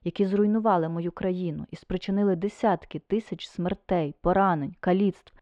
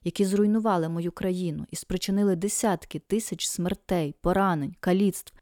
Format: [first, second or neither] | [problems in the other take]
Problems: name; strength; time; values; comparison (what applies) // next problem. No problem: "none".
second | muffled; very; fading above 3 kHz